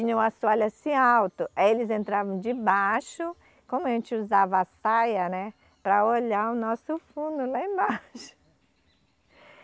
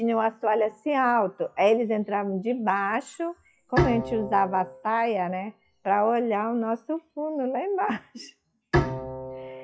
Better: first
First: none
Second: noise reduction (classical method WPE with log-MMSE)

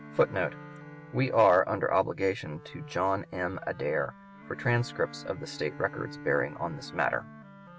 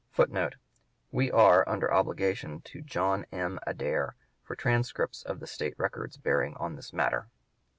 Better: second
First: background sound (Bowed string instrument + Wind instrument, woodwind instrument); 17 dB below the speech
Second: none

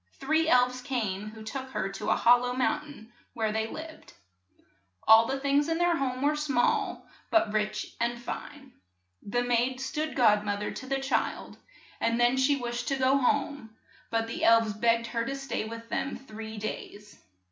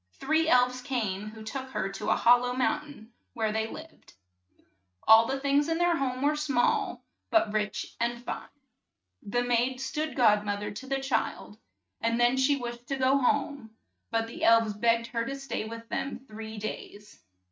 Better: first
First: none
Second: noise reduction (neural mask model RNNoise)

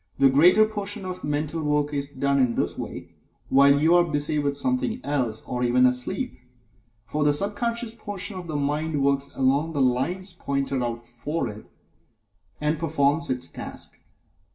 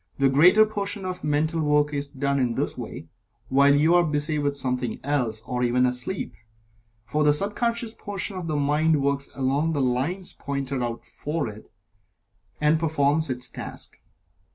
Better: second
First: room echo; dies away in 0.6 s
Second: none

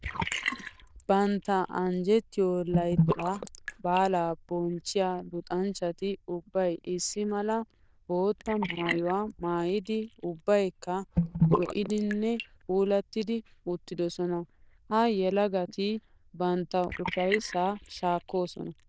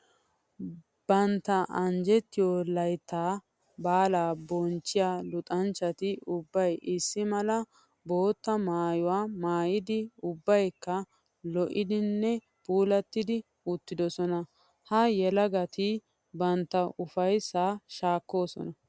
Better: second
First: noise reduction (neural diffusion model UNIVERSE++)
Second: none

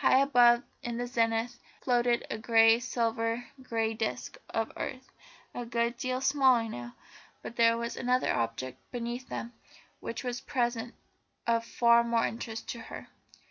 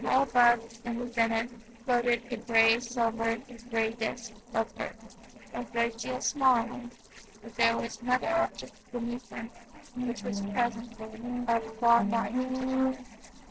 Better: first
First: none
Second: noise reduction (neural separator model SepFormer DNS4)

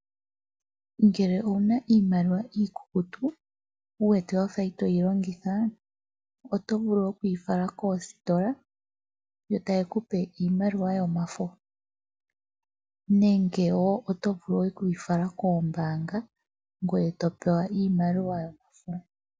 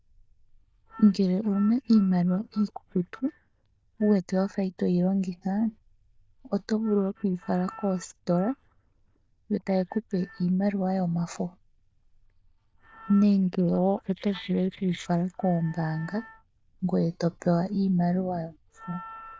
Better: first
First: none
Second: noise reduction (neural diffusion model UNIVERSE++)

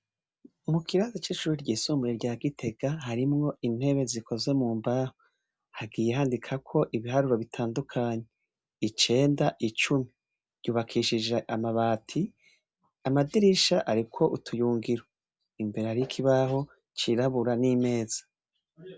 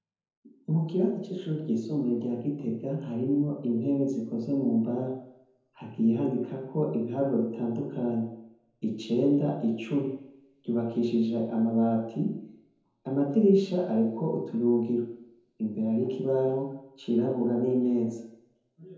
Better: first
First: none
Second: room echo; dies away in 0.9 s

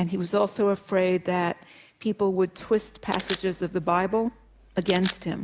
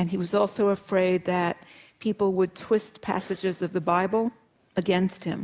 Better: second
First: background sound (Camera); 14 dB below the speech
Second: none

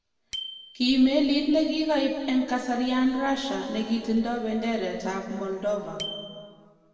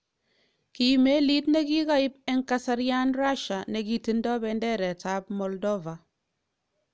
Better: second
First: background sound (Bicycle bell); 19 dB below the speech // room echo; dies away in 2 s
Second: none

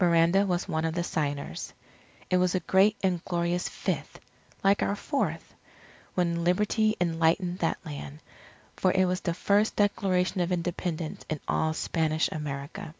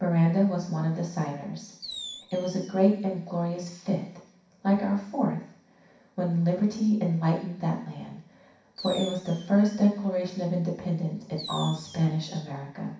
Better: first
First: none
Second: background sound (Fireworks); 15 dB below the speech // room echo; dies away in 0.6 s

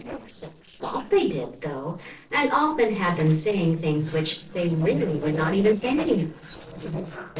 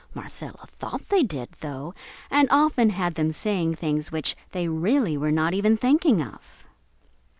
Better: second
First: noise reduction (neural separator model SepFormer DNS4)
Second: none

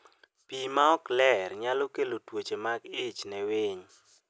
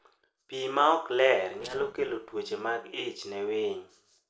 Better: first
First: none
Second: noise reduction (neural separator model SepFormer DNS4)

